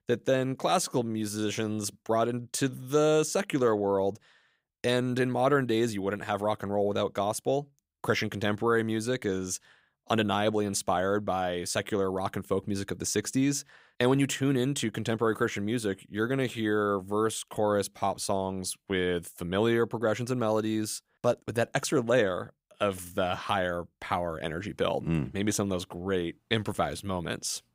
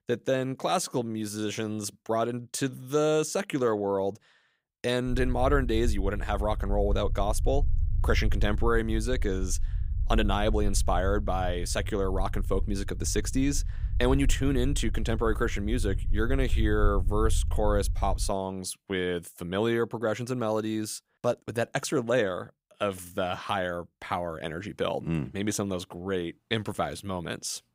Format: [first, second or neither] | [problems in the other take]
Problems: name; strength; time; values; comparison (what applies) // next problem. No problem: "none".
first | low rumble; faint; from 5 to 18 s; 20 dB below the speech